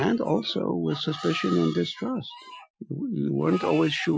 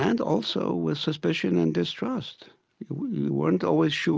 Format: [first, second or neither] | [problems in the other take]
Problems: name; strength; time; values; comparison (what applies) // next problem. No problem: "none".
second | noise reduction (classical method Wiener filter)